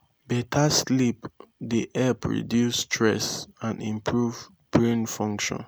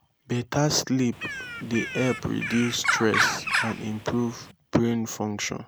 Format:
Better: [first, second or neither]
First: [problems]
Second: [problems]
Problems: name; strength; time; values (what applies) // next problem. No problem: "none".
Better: first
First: none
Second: background sound (Bird); 3 dB below the speech